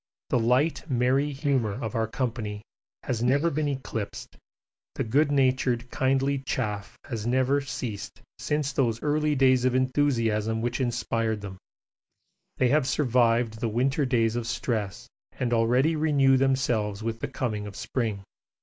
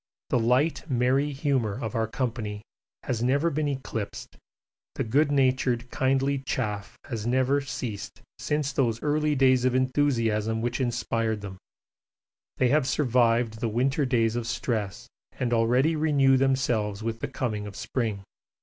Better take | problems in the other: second | noise reduction (neural mask model Resemble Enhance denoiser)

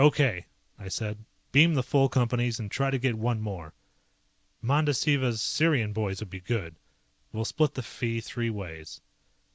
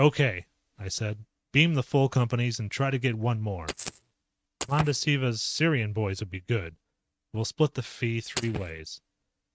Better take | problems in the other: first | noise reduction (neural mask model RNNoise)

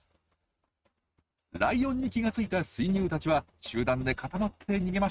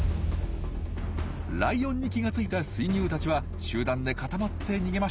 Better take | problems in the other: second | noise reduction (neural mask model RNNoise)

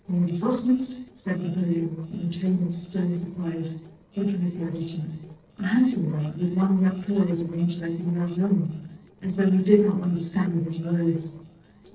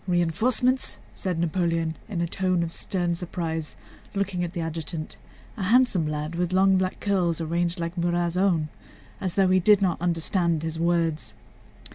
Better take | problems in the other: second | noise reduction (neural separator model SepFormer DNS4)

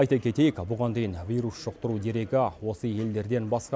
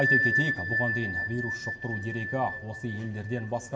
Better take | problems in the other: first | background sound (Bell); 1 dB above the speech // room echo; dies away in 2.1 s

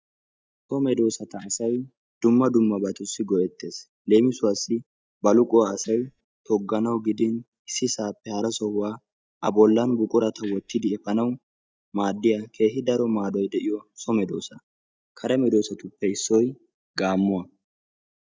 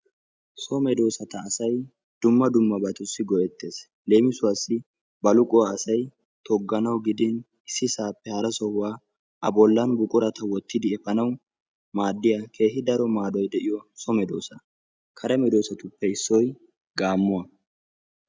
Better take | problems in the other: second | noise reduction (neural mask model DeepFilterNet 3)

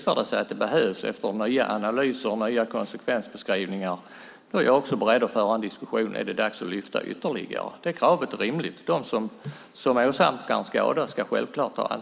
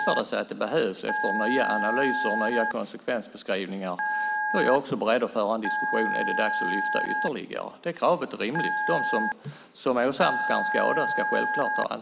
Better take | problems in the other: first | background sound (Telephone); 2 dB below the speech

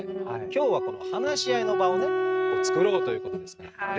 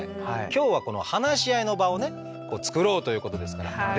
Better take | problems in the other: second | noise reduction (neural mask model RNNoise)

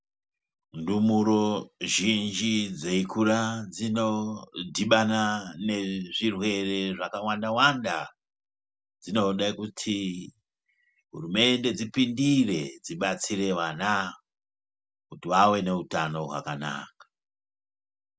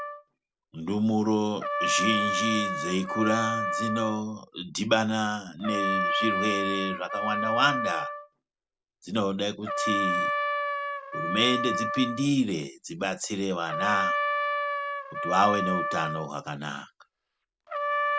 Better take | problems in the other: first | background sound (Trumpet); 1 dB below the speech

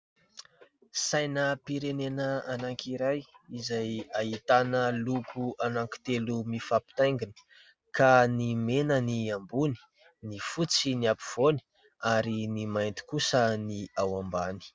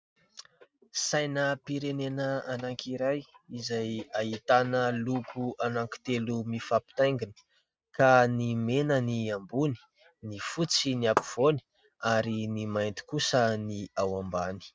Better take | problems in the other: first | noise reduction (neural mask model RNNoise)

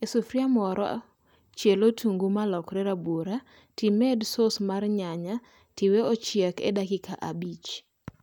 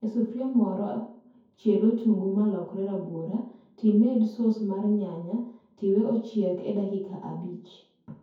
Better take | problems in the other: first | room echo; dies away in 0.6 s

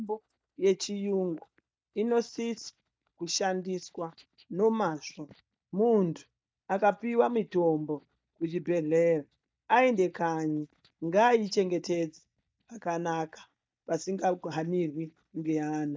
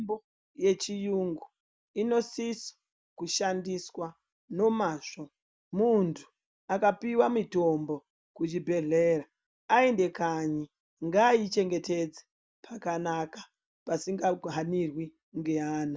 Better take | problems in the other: second | noise reduction (neural mask model DeepFilterNet 3)

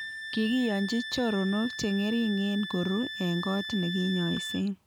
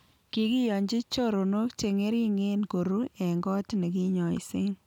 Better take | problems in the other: second | background sound (Wind instrument, woodwind instrument); 9 dB below the speech

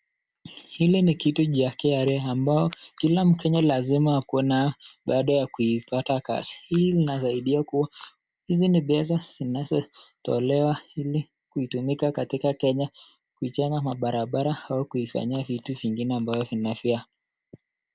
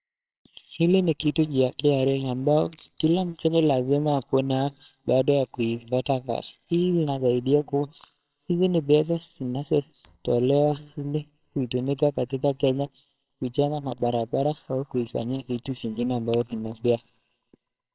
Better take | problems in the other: first | noise reduction (neural separator model SepFormer WHAMR!)

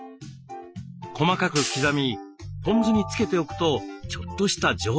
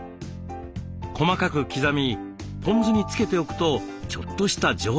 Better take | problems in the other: second | noise reduction (classical method Wiener filter)

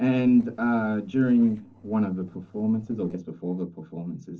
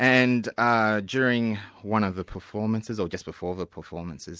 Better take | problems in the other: second | noise reduction (neural separator model SepFormer DNS4)

